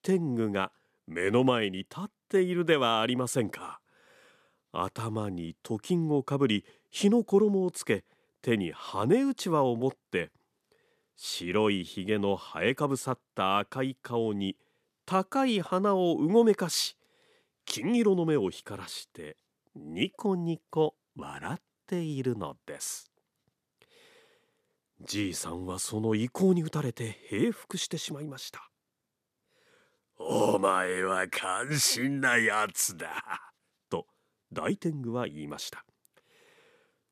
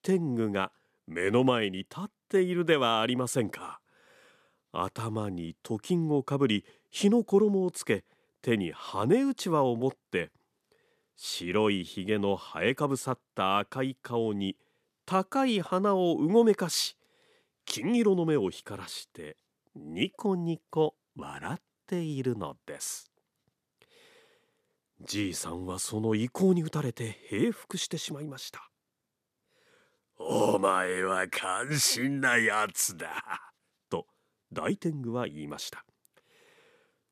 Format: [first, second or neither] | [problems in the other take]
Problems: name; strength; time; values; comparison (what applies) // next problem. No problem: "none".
neither | none